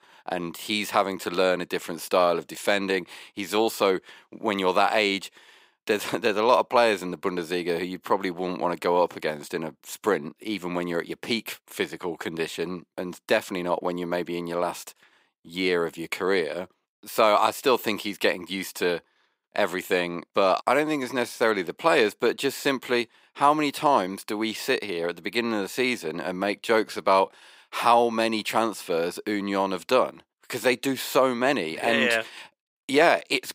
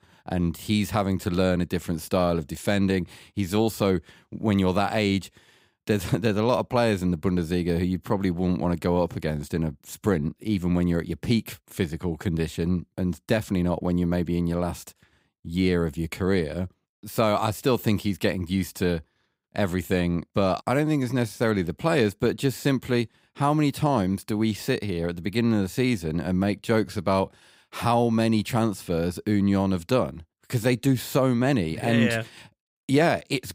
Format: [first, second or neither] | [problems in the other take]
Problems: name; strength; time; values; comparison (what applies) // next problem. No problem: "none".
second | thin; somewhat; fading below 400 Hz